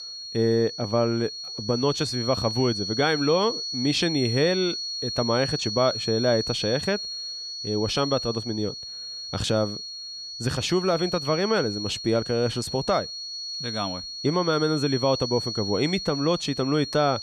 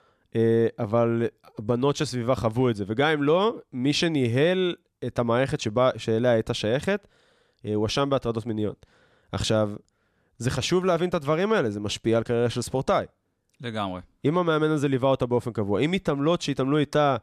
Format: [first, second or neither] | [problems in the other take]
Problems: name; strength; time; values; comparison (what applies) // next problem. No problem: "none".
second | high-pitched whine; loud; throughout; 4.5 kHz, 5 dB below the speech